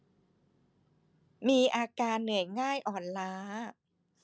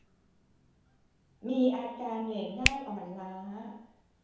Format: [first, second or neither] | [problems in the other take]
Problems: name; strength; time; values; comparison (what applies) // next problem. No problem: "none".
first | background sound (Hands); 4 dB below the speech // room echo; dies away in 1.9 s